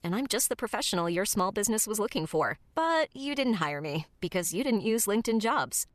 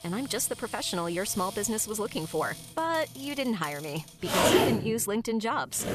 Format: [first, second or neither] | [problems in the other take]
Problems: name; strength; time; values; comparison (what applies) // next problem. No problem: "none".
first | household noises; very loud; throughout; 1 dB above the speech